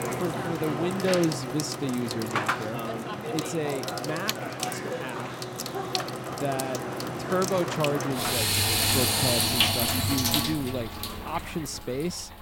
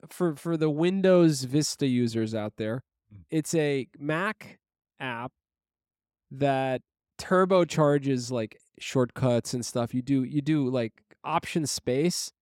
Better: second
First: household noises; very loud; throughout; 4 dB above the speech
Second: none

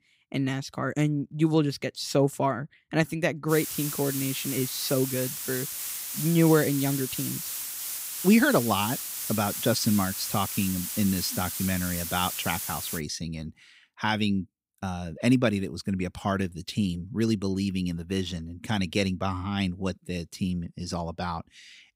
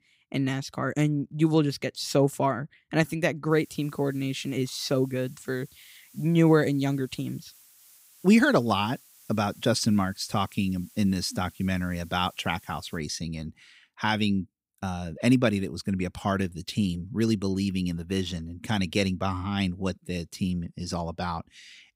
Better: second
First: hiss; loud; from 3.5 to 13 s; 4 dB below the speech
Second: hiss; faint; from 3.5 to 13 s; 25 dB below the speech

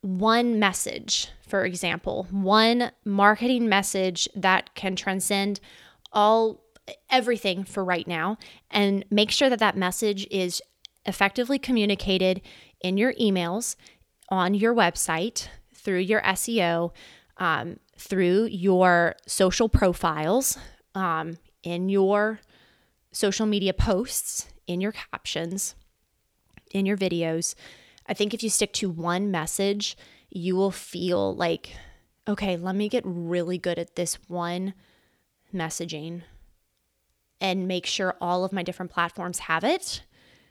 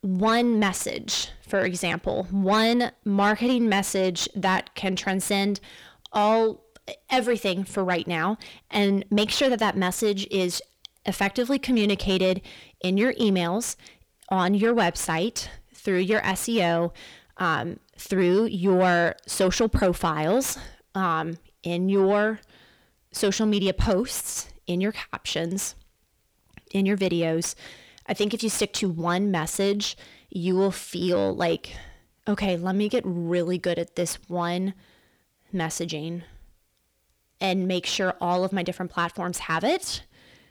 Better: first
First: none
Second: distortion; slight; 10 dB below the speech

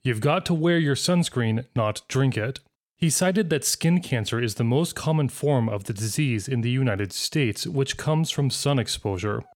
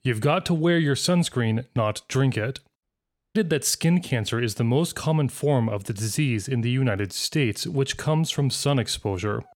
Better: first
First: none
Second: audio cutting out; at 3 s for 0.5 s

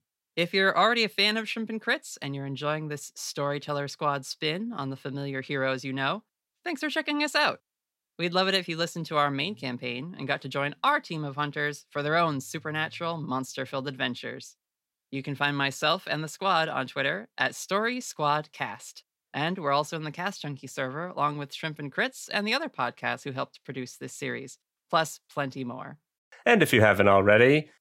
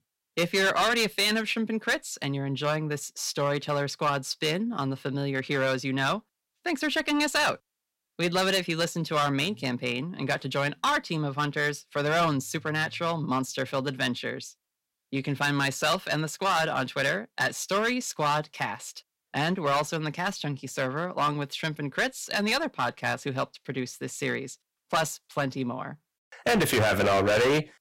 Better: first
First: none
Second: distortion; heavy; 7% of the sound clipped

